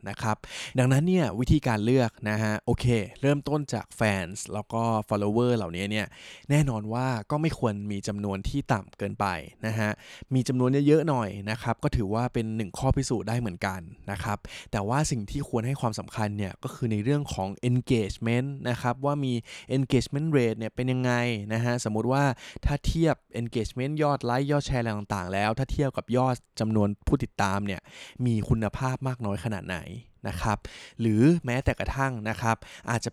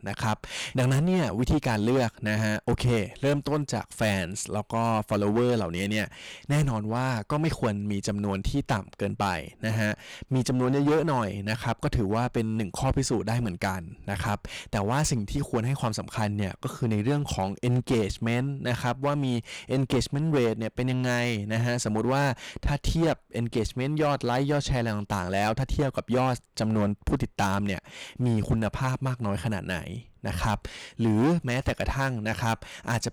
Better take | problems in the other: first | distortion; heavy; 11% of the sound clipped

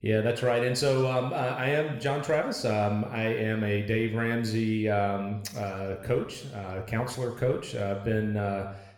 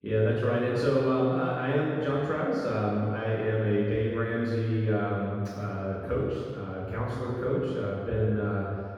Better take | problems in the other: first | room echo; strong; dies away in 1.8 s; slight in the first // off-mic speech; far

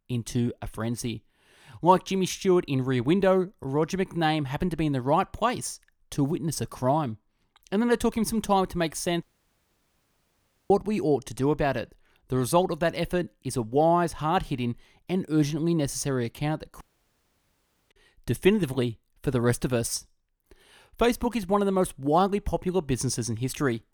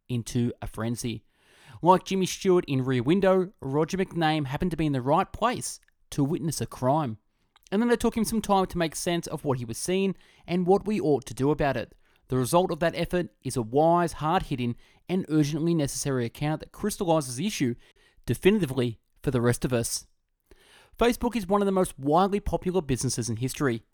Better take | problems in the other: second | audio cutting out; at 9 s for 1.5 s and at 17 s for 1 s

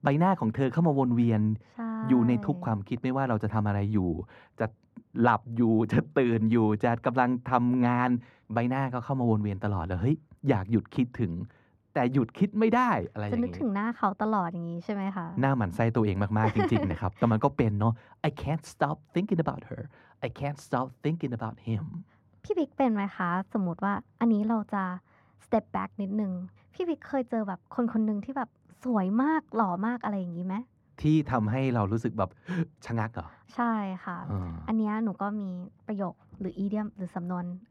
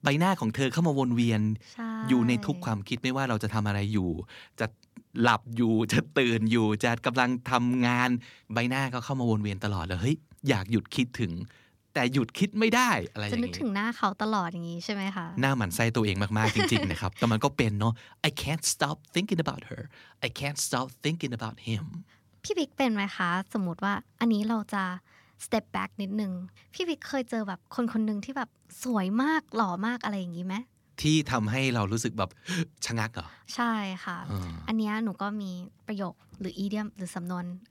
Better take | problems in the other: second | muffled; very; fading above 2.5 kHz

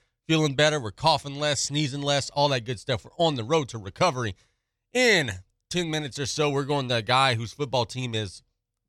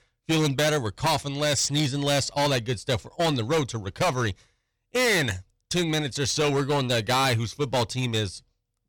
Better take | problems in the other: first | distortion; heavy; 13% of the sound clipped

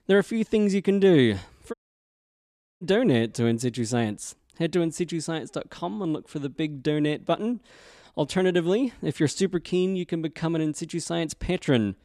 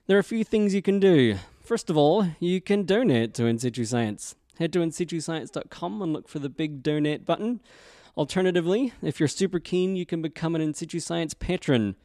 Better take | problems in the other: second | audio cutting out; at 1.5 s for 1 s

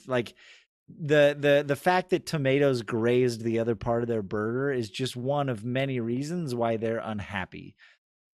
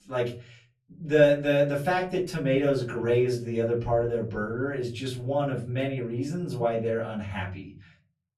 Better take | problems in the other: first | off-mic speech; far // room echo; slight; dies away in 0.5 s

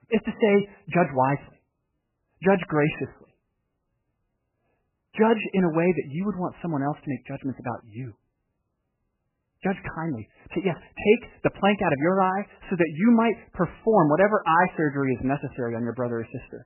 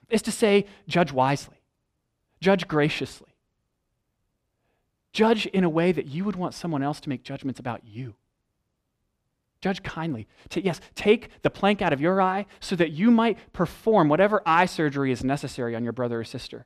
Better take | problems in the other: second | garbled, watery; badly; nothing above 3 kHz

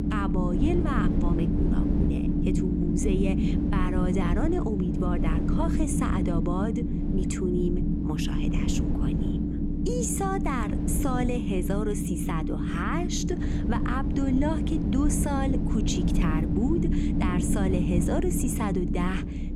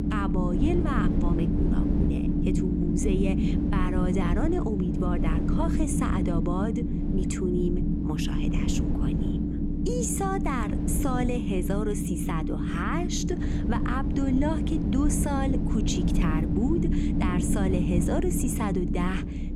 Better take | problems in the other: neither | low rumble; loud; throughout; 1 dB below the speech; the same in both

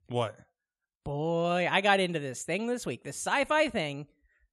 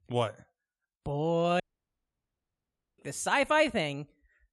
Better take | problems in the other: first | audio cutting out; at 1.5 s for 1.5 s

